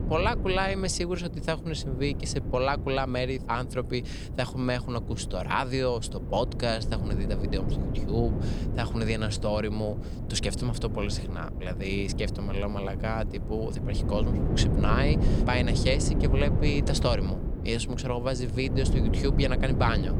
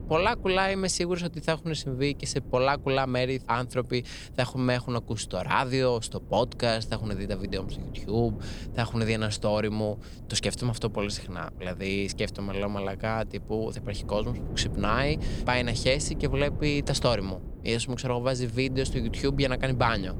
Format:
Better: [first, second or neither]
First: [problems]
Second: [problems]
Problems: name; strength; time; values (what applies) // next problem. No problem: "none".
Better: second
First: wind noise on the microphone; heavy; 9 dB below the speech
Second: wind noise on the microphone; occasional gusts; 20 dB below the speech